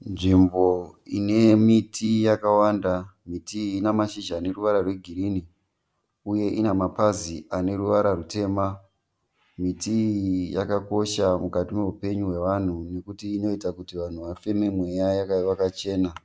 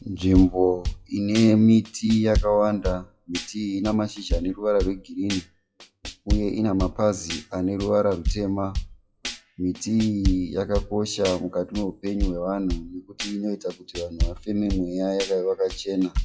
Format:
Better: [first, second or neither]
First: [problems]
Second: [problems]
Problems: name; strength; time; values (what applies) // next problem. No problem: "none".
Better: first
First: none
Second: noise reduction (classical method WPE with log-MMSE)